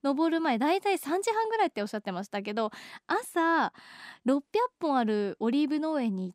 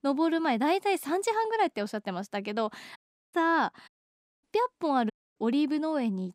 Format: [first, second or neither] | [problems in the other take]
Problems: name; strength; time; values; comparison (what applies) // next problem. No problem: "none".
first | audio cutting out; at 3 s, at 4 s for 0.5 s and at 5 s